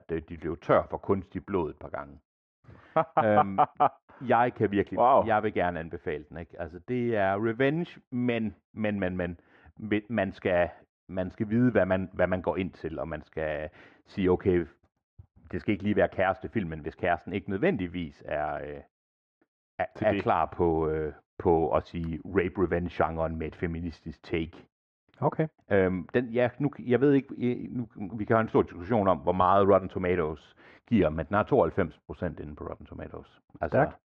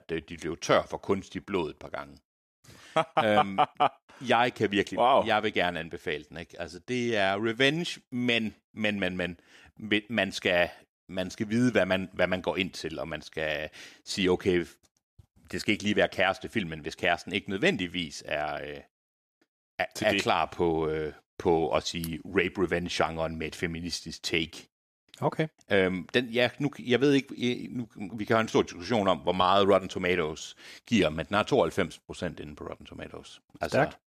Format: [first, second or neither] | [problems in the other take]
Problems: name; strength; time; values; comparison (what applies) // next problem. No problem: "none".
second | muffled; very; fading above 1 kHz